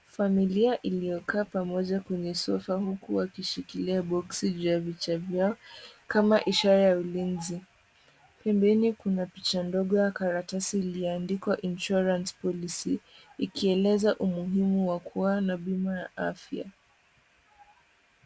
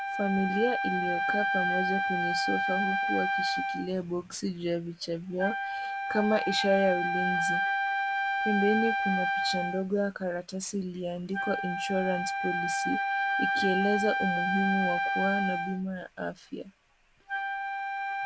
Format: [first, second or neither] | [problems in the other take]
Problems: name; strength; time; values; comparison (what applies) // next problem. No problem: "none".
first | background sound (Wind instrument, woodwind instrument); 1 dB above the speech